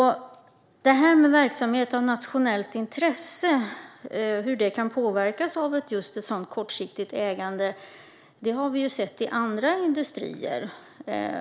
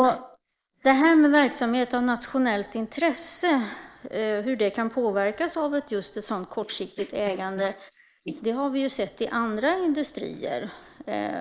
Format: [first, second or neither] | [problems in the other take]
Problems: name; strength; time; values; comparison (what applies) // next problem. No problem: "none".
first | noise reduction (neural mask model Resemble Enhance denoiser)